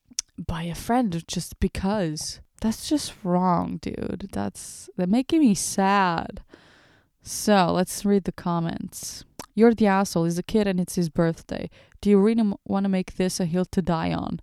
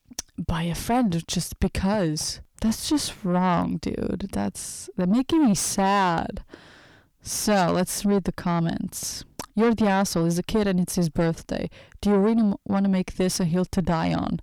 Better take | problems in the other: first | distortion; heavy; 7 dB below the speech

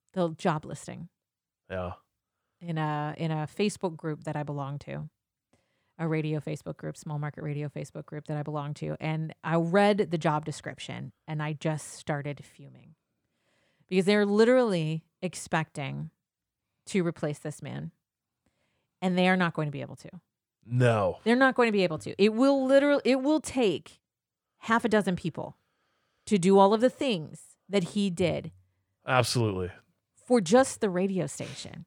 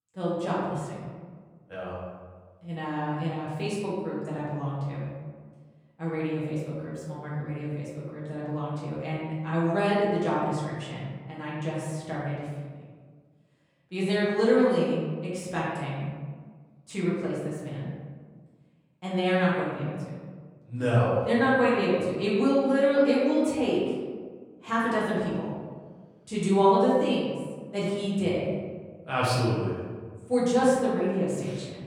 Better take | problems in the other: first | room echo; noticeable; dies away in 1.4 s // off-mic speech; far

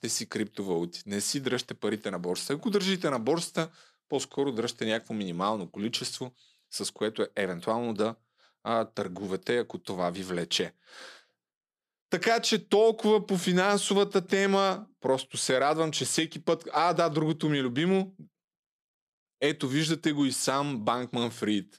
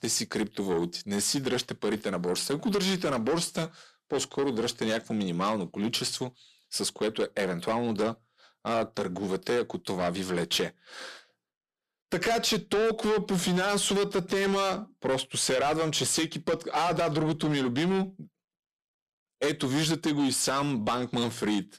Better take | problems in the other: first | distortion; heavy; 7 dB below the speech

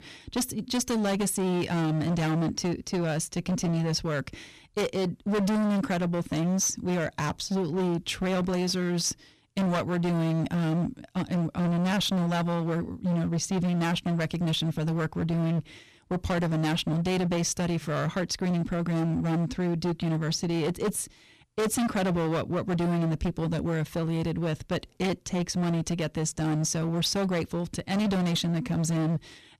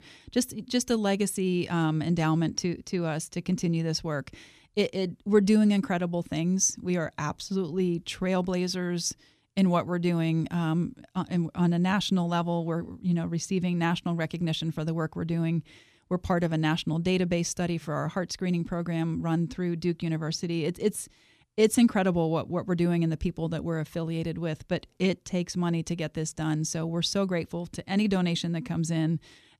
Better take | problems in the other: second | distortion; heavy; 27% of the sound clipped

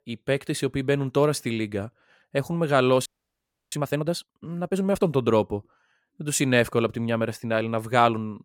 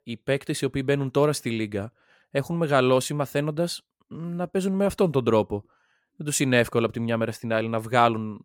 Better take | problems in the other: second | audio freezing; at 3 s for 0.5 s

